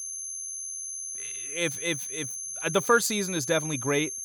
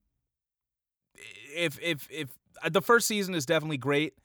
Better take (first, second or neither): second